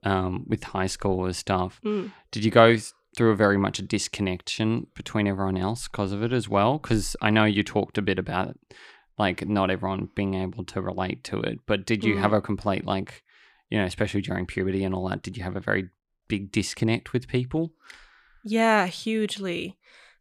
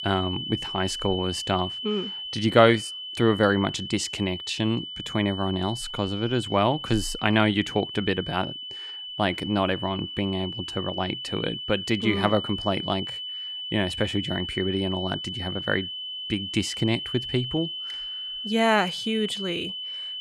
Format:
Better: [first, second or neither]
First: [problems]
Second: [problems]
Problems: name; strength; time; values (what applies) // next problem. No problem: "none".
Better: first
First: none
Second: high-pitched whine; loud; throughout; 3 kHz, 6 dB below the speech